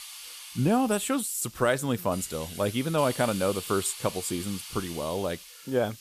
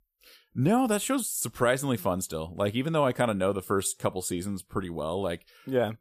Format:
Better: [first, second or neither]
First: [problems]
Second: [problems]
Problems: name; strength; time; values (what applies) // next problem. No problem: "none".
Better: second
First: hiss; noticeable; throughout; 10 dB below the speech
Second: none